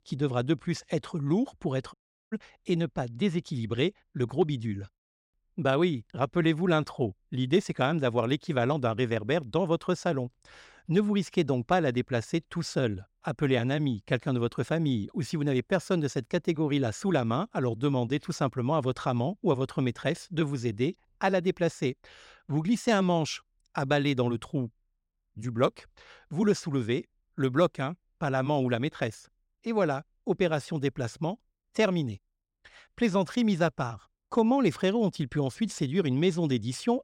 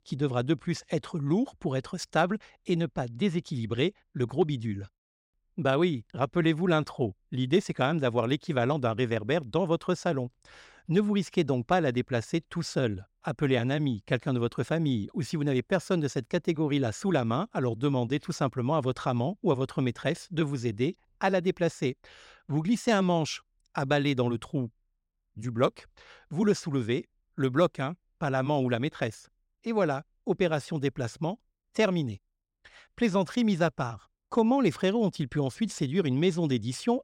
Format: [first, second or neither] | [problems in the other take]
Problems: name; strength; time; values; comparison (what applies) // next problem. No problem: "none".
second | audio cutting out; at 2 s